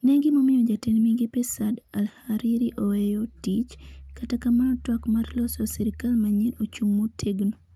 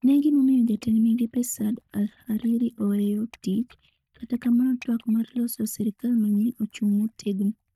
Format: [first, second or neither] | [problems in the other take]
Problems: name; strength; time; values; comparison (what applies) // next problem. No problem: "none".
first | noise reduction (neural mask model DeepFilterNet 3)